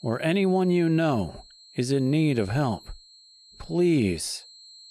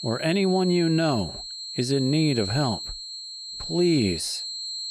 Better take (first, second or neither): first